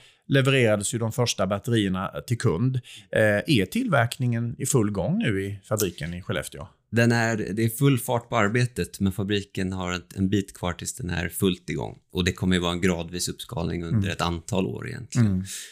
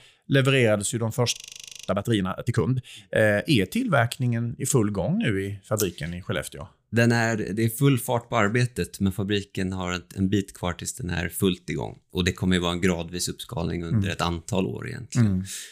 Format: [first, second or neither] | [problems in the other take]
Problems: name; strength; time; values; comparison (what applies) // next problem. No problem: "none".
first | audio freezing; at 1.5 s for 0.5 s